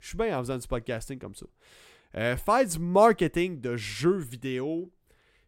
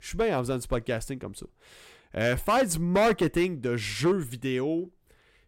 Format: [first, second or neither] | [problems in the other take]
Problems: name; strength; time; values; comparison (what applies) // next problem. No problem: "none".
first | distortion; heavy; 5% of the sound clipped